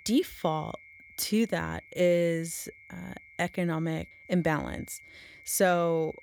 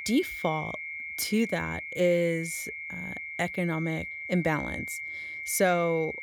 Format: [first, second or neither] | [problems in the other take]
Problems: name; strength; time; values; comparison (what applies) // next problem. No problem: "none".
first | high-pitched whine; loud; throughout; 2 kHz, 7 dB below the speech; faint in the first